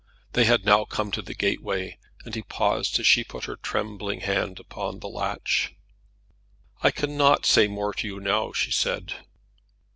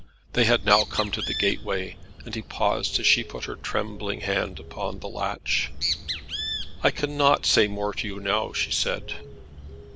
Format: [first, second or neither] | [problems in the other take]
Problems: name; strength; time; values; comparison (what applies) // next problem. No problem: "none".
first | background sound (Bird); 7 dB below the speech